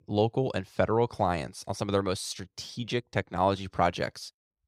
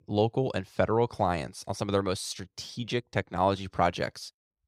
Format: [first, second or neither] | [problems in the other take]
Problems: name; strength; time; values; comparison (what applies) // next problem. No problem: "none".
neither | none